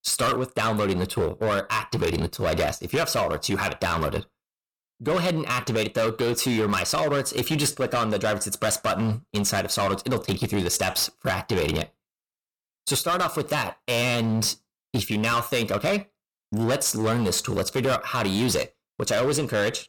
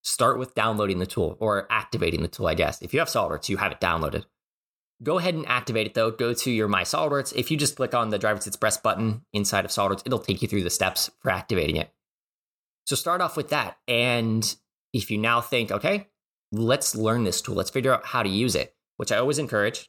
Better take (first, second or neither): second